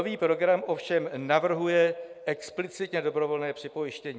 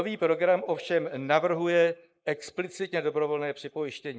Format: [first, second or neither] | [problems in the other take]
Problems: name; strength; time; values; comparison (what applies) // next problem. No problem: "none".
first | noise reduction (neural mask model Resemble Enhance denoiser)